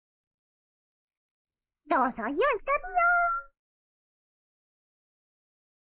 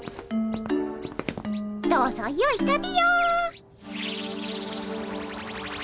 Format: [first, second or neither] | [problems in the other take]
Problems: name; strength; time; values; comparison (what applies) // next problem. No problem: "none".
second | noise reduction (neural mask model Resemble Enhance denoiser)